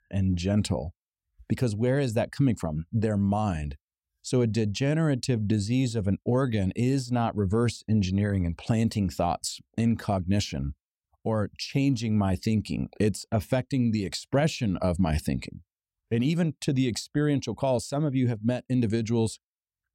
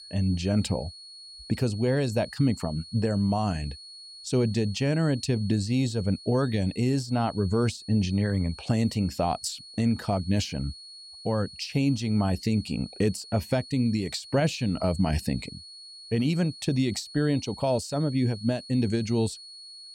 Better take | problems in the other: first | high-pitched whine; noticeable; throughout; 4.5 kHz, 15 dB below the speech

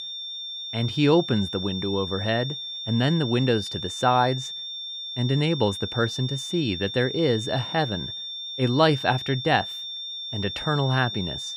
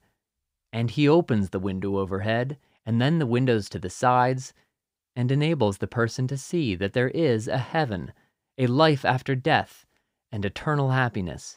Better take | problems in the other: second | high-pitched whine; loud; throughout; 3.5 kHz, 7 dB below the speech

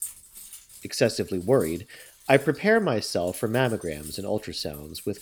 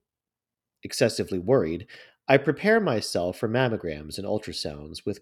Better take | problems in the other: second | jangling keys; noticeable; peak 9 dB below the speech

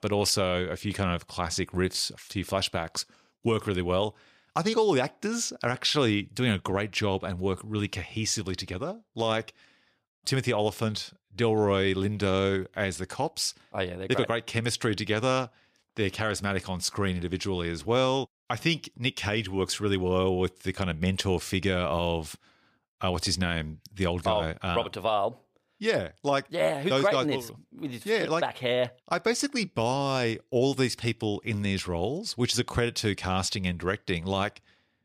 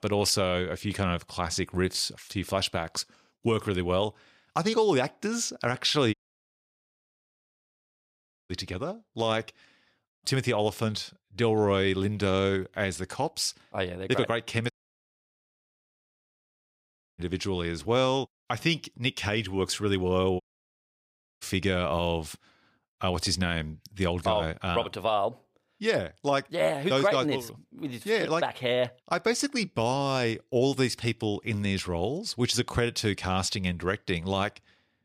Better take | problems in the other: first | audio cutting out; at 6 s for 2.5 s, at 15 s for 2.5 s and at 20 s for 1 s

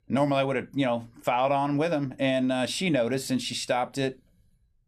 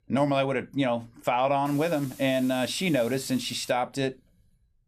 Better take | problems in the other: first | hiss; very faint; from 1.5 to 3.5 s; 20 dB below the speech

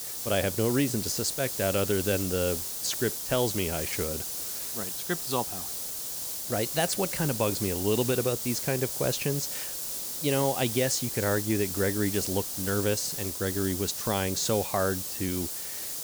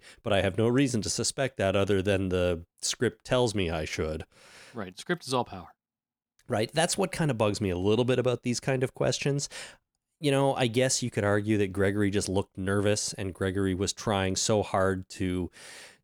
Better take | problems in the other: second | hiss; loud; throughout; 2 dB below the speech

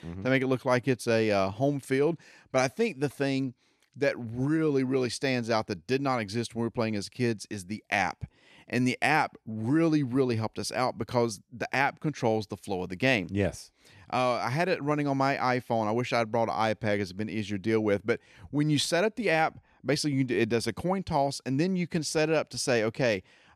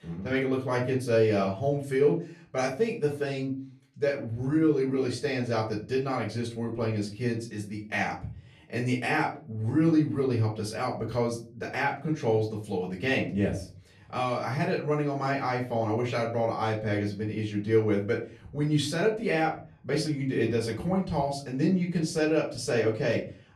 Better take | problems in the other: first | off-mic speech; far // room echo; slight; dies away in 0.4 s

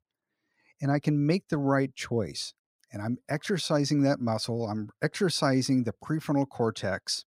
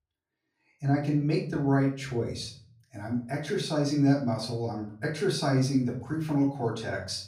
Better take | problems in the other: first | off-mic speech; far // room echo; slight; dies away in 0.5 s

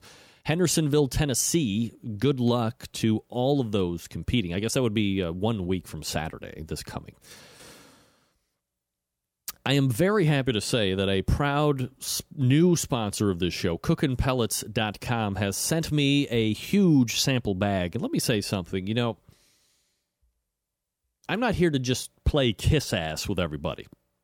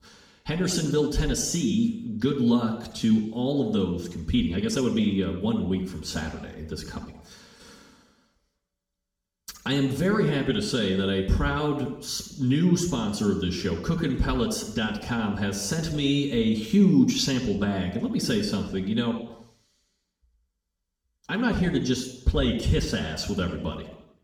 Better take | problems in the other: first | room echo; noticeable; dies away in 0.8 s // off-mic speech; far

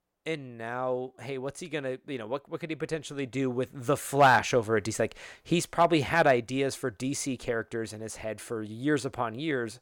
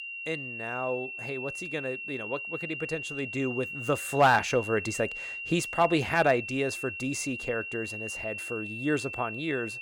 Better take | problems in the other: first | high-pitched whine; loud; throughout; 2.5 kHz, 6 dB below the speech

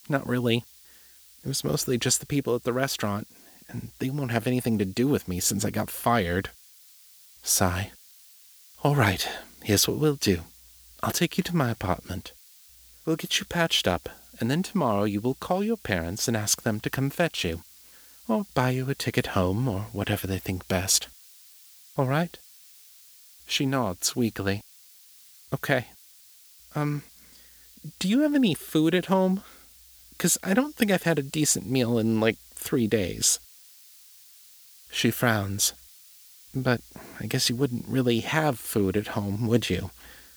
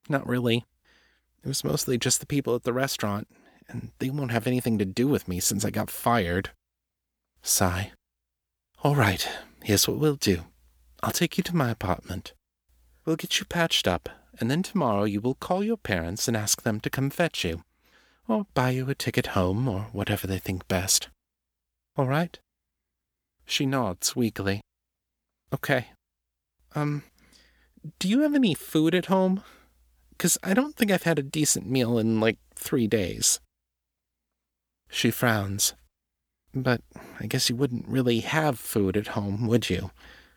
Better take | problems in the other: second | hiss; faint; throughout; 25 dB below the speech

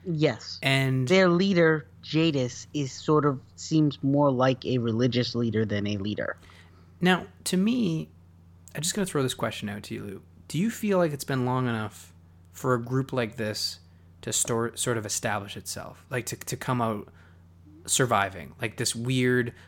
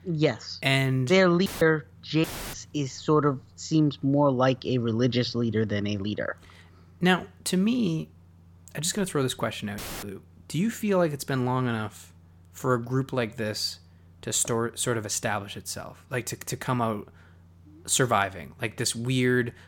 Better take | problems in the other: first | audio cutting out; filled with static; at 1.5 s, at 2 s and at 10 s

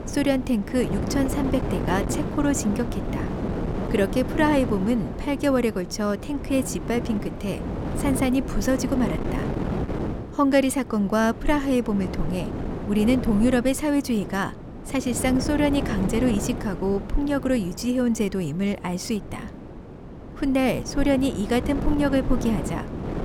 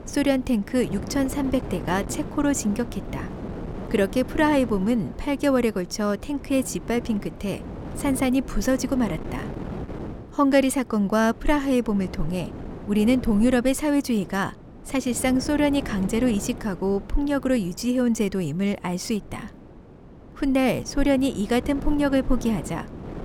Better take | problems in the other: second | wind noise on the microphone; heavy; 8 dB below the speech; occasional gusts in the second

